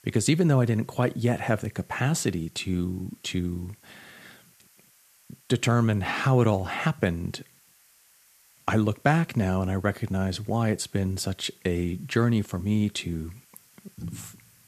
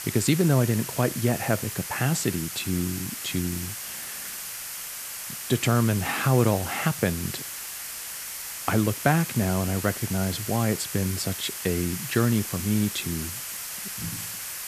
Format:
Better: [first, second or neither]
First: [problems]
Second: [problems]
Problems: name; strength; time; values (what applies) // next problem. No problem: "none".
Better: first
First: hiss; faint; throughout; 30 dB below the speech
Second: hiss; loud; throughout; 6 dB below the speech